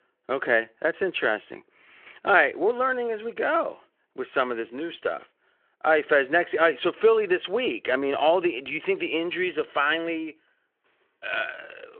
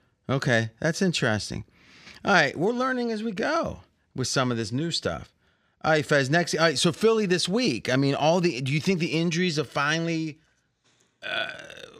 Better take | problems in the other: second | phone-call audio

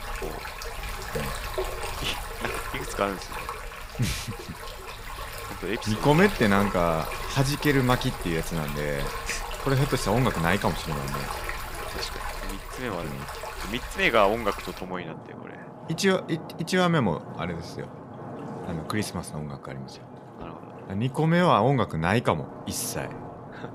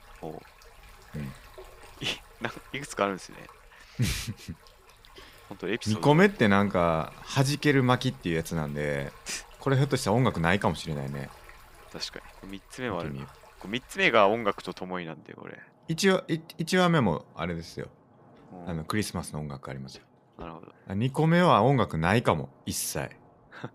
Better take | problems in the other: second | rain or running water; loud; throughout; 9 dB below the speech; faint in the second

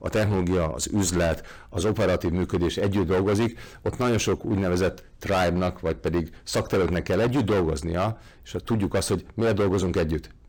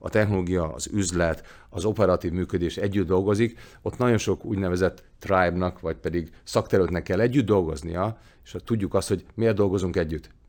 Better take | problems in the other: second | distortion; heavy; 18% of the sound clipped

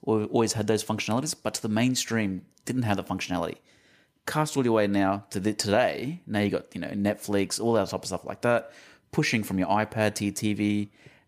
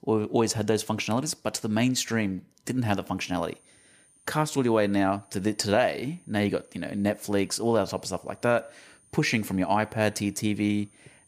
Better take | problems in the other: first | high-pitched whine; faint; from 3 s on; 9 kHz, 30 dB below the speech

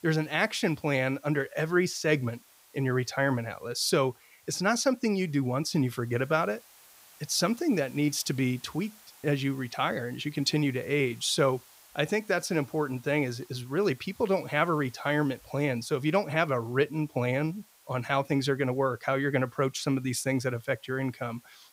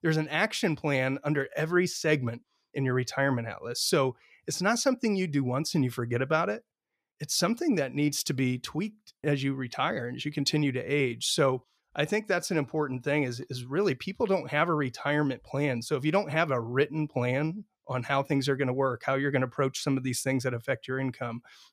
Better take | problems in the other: second | hiss; faint; throughout; 25 dB below the speech

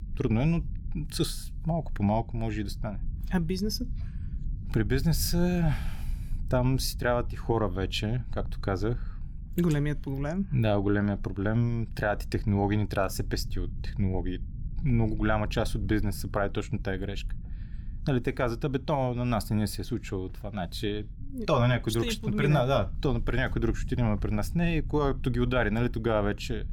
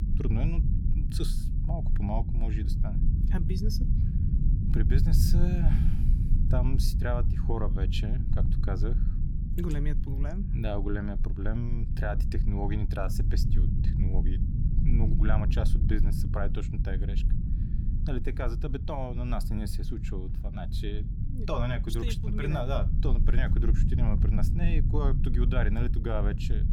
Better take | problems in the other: first | low rumble; loud; throughout; 6 dB below the speech; faint in the first

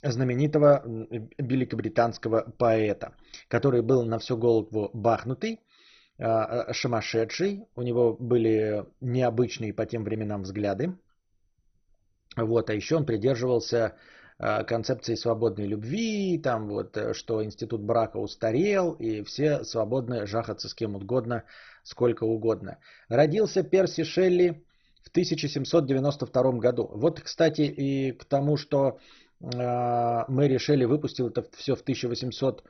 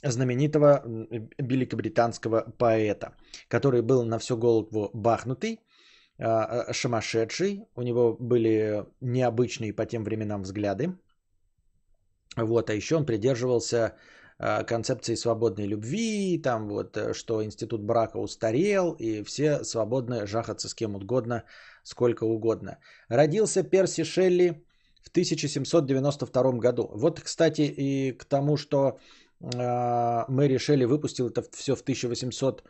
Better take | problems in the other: second | garbled, watery; badly; nothing above 6 kHz; slightly in the second

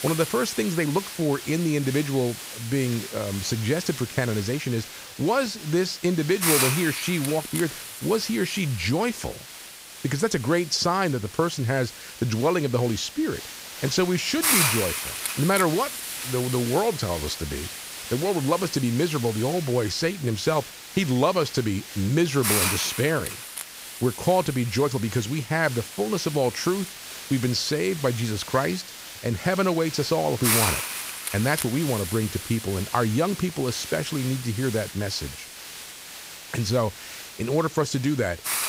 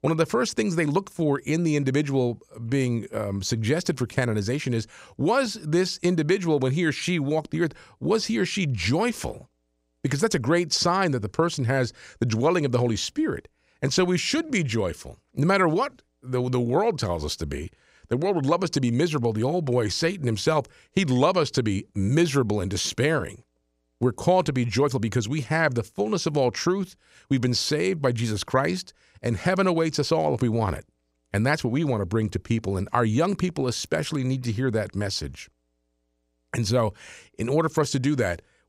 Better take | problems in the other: second | hiss; loud; throughout; 6 dB below the speech

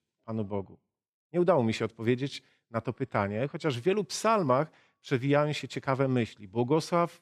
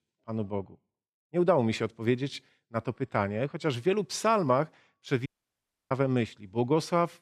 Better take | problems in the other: first | audio cutting out; at 5.5 s for 0.5 s

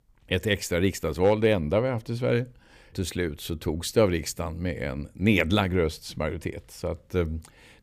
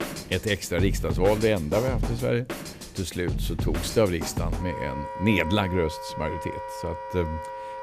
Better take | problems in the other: first | background music; loud; throughout; 6 dB below the speech

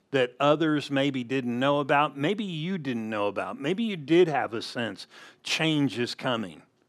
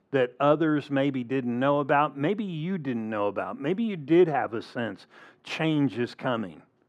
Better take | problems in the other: first | muffled; slightly; fading above 2.5 kHz

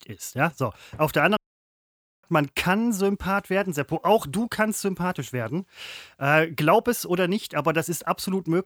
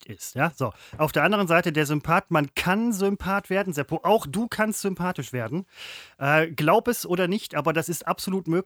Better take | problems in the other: second | audio cutting out; at 1.5 s for 1 s

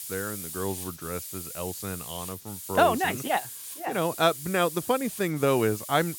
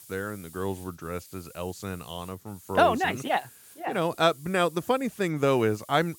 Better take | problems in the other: second | hiss; loud; throughout; 9 dB below the speech; faint in the second

